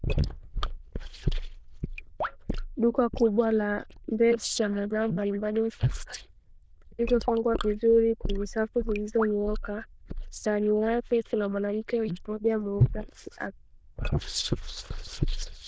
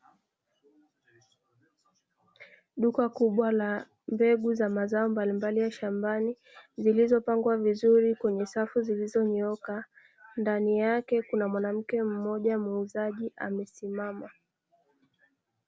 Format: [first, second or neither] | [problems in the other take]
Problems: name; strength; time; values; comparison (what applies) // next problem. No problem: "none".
second | noise reduction (neural diffusion model UNIVERSE++)